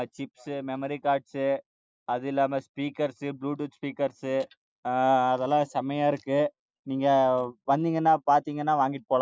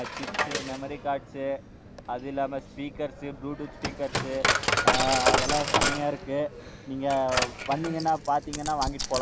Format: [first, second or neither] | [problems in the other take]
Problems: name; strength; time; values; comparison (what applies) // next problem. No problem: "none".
first | background sound (Coin (dropping)); as loud as the speech